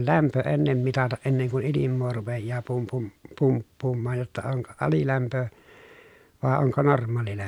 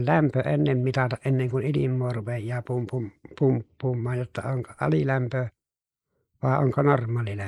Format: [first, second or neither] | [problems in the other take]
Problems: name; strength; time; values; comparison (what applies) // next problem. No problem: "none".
first | noise reduction (neural mask model Resemble Enhance denoiser)